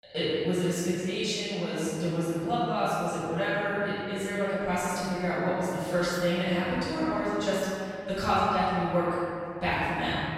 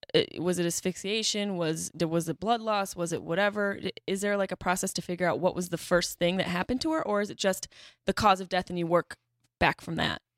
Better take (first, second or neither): second